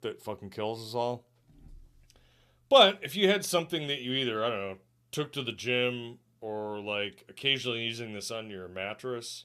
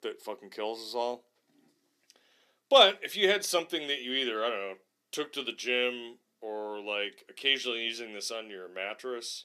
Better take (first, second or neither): first